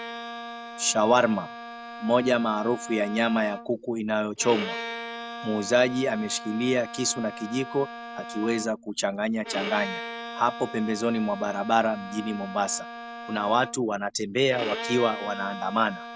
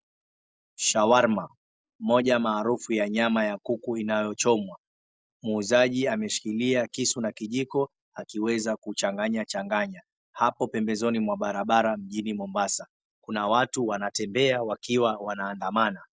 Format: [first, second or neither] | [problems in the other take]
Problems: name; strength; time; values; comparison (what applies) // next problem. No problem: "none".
second | background sound (Bowed string instrument); 11 dB below the speech